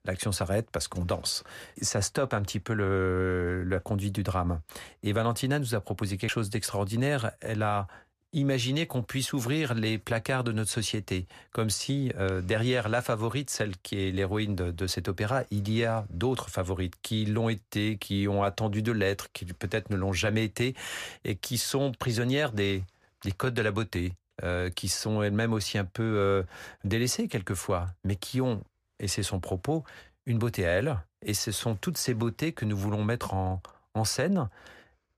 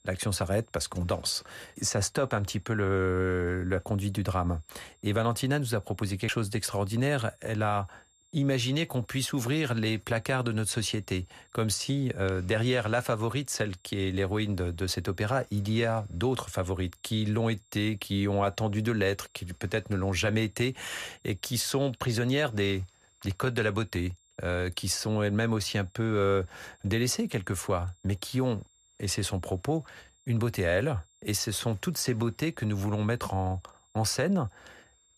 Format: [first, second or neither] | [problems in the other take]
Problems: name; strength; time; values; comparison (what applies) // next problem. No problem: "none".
first | high-pitched whine; faint; throughout; 7.5 kHz, 35 dB below the speech